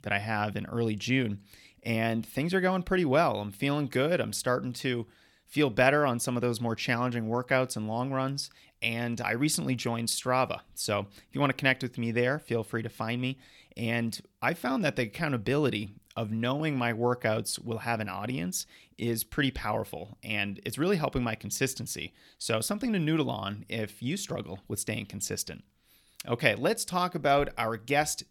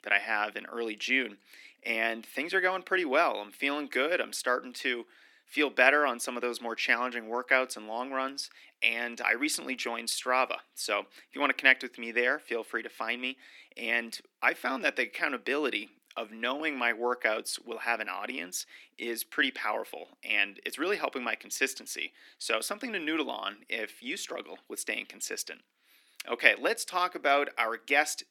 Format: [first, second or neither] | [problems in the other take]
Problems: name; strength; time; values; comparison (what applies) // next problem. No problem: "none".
first | thin; somewhat; fading below 250 Hz